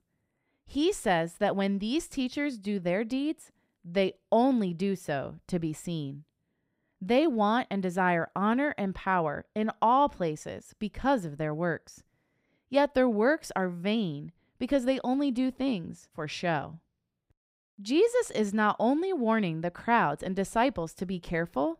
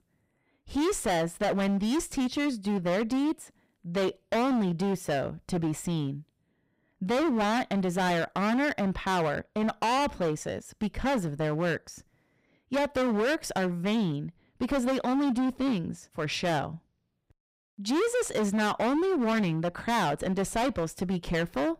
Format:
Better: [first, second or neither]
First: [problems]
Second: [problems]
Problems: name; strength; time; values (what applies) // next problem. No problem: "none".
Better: first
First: none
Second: distortion; heavy; 21% of the sound clipped